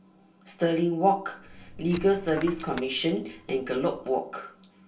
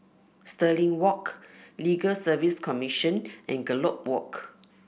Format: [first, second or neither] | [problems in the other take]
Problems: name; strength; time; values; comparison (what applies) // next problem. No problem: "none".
second | background sound (Coin (dropping)); 16 dB below the speech // room echo; dies away in 0.2 s